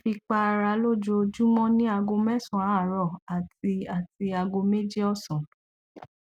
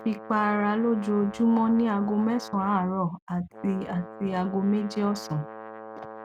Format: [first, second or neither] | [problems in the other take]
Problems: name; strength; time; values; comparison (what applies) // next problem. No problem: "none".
first | background sound (Brass instrument); 15 dB below the speech